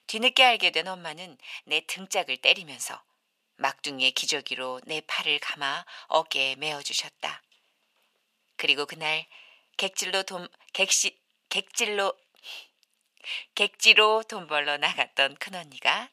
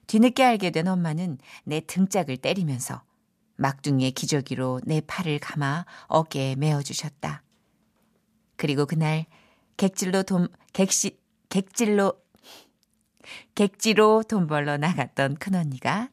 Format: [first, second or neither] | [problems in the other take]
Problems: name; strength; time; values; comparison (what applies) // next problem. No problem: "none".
second | thin; very; fading below 600 Hz